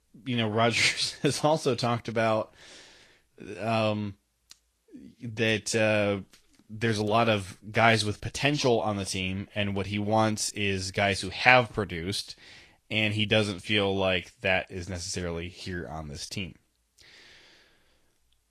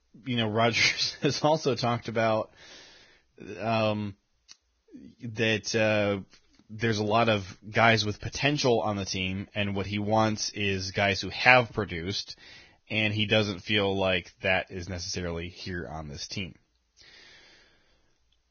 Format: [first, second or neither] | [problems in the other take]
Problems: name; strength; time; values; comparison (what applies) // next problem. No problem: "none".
first | garbled, watery; badly; nothing above 6.5 kHz; slightly in the first